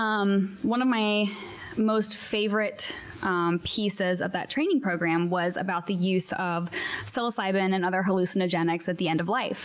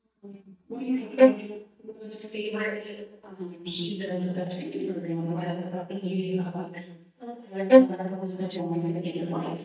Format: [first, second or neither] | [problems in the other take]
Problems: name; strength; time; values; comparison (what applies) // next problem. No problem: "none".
first | noise reduction (neural mask model DeepFilterNet 3)